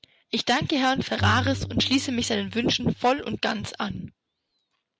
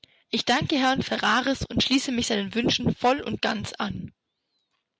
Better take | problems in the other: second | background sound (Bowed string instrument); 8 dB below the speech

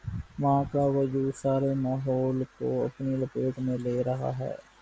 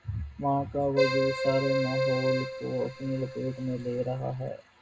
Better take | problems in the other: first | background sound (Keyboard (musical)); as loud as the speech // room echo; dies away in 0.2 s

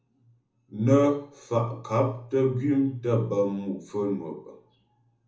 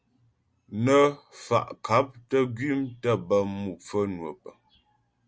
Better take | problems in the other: second | room echo; dies away in 0.6 s

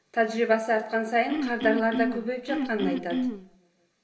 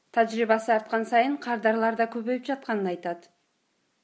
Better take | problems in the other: second | background sound (Cough); 3 dB below the speech // room echo; dies away in 0.6 s

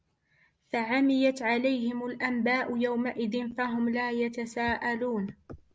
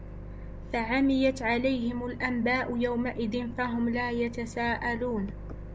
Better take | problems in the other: first | background sound (Microwave oven); 11 dB below the speech

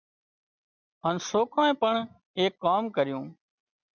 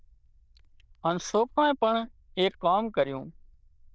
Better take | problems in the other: first | noise reduction (neural diffusion model UNIVERSE++)

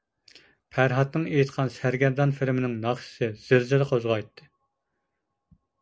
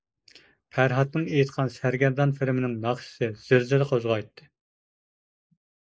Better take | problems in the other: first | noise reduction (neural mask model Resemble Enhance denoiser)

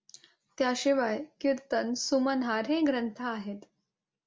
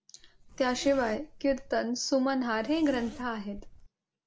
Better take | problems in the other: first | background sound (Zipper (clothing)); 16 dB below the speech

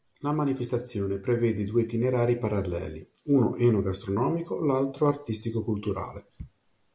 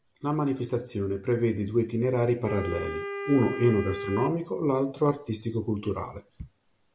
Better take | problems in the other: first | background sound (Wind instrument, woodwind instrument); 9 dB below the speech

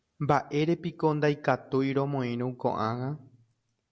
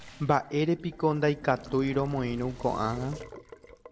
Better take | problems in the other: first | background sound (Boom + Water tap, faucet); 17 dB below the speech

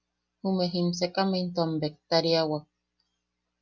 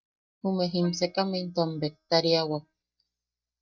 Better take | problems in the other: first | noise reduction (neural mask model DeepFilterNet 3)

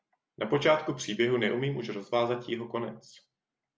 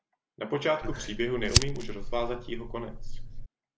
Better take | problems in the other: first | background sound (Fire); 2 dB above the speech

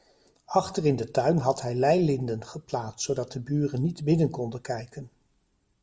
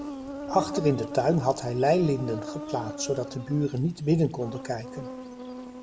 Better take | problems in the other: first | background sound (Insect); 10 dB below the speech

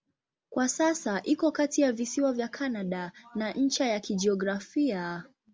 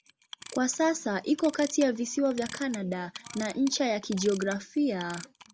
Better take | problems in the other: first | background sound (Clock); 18 dB below the speech

